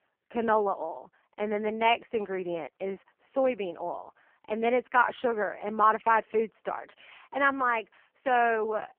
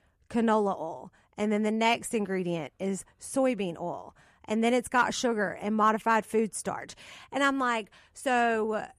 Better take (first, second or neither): second